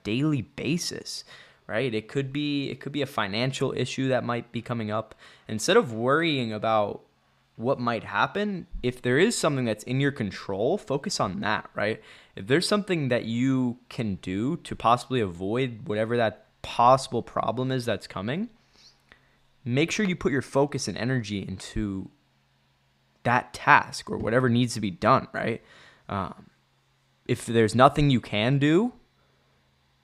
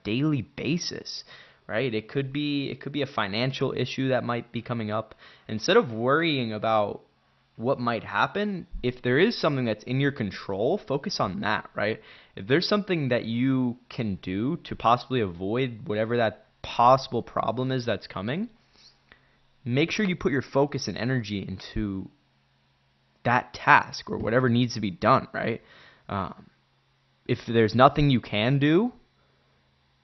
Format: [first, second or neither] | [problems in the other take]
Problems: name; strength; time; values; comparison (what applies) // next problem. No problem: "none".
first | garbled, watery; slightly; nothing above 6 kHz